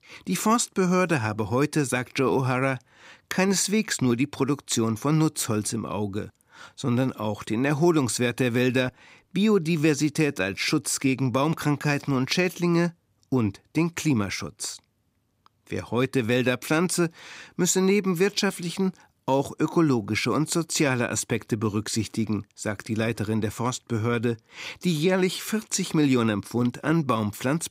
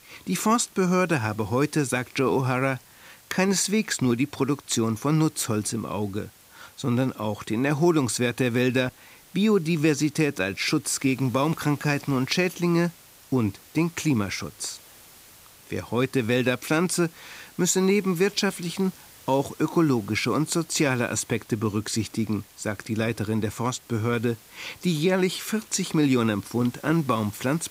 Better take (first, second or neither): first